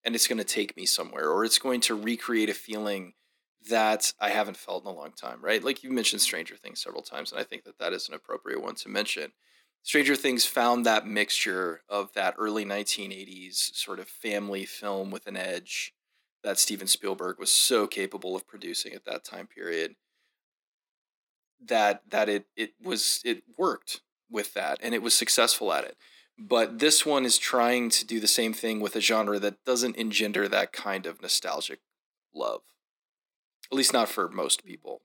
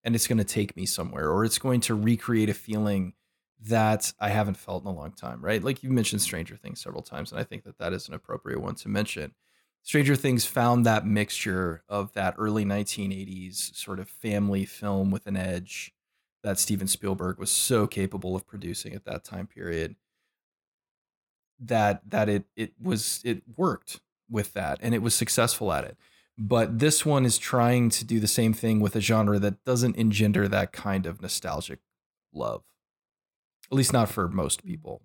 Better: second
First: thin; somewhat; fading below 250 Hz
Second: none

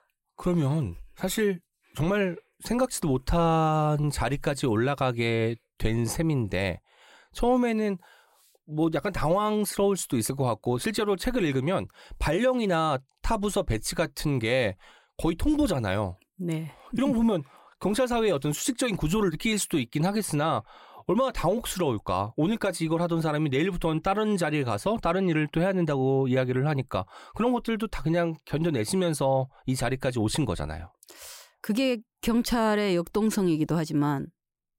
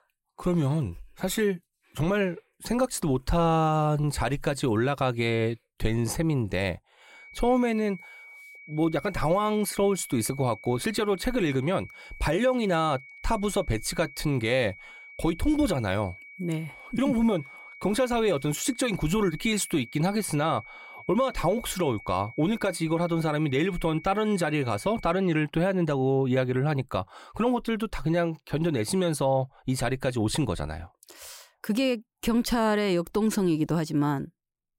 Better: first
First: none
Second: high-pitched whine; noticeable; from 7 to 25 s; 2.5 kHz, 20 dB below the speech

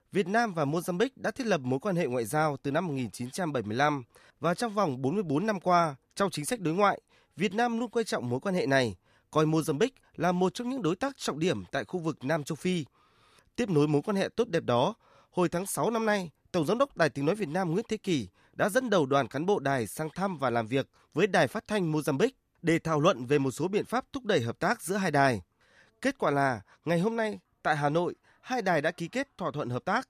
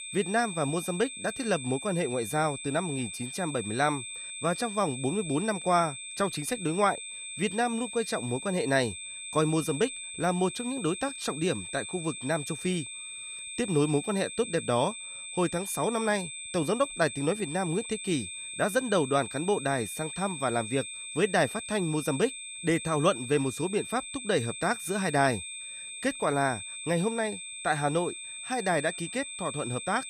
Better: first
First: none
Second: high-pitched whine; loud; throughout; 8 kHz, 7 dB below the speech

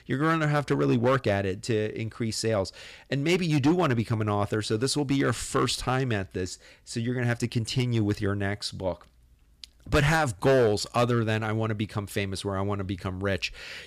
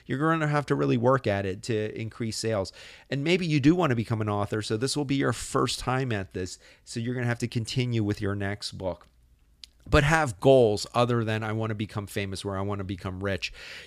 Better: second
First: distortion; slight; 3% of the sound clipped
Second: none

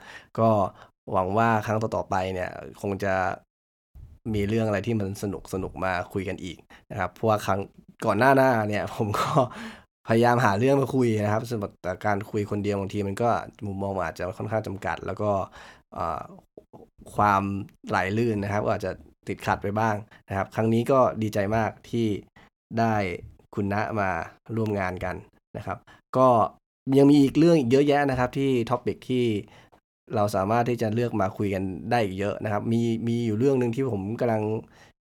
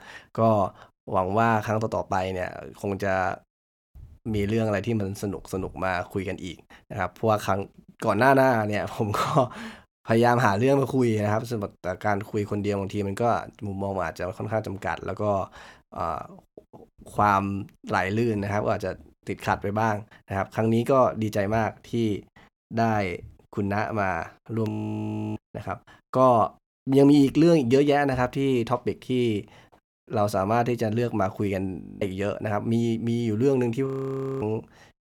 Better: first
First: none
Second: audio freezing; at 25 s for 0.5 s, at 32 s and at 34 s for 0.5 s

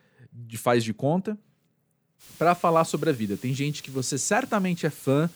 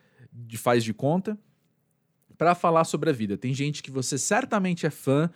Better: second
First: hiss; faint; from 2 s on; 20 dB below the speech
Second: none

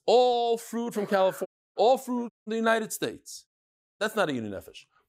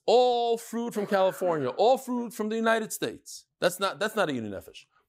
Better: second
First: audio cutting out; at 1.5 s, at 2.5 s and at 3.5 s for 0.5 s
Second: none

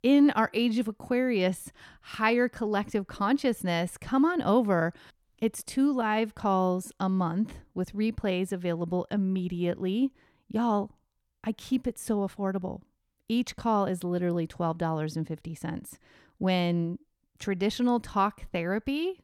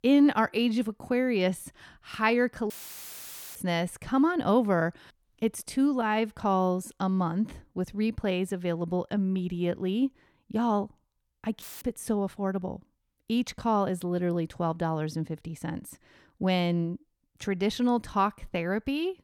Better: first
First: none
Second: audio cutting out; filled with static; at 2.5 s for 1 s and at 12 s

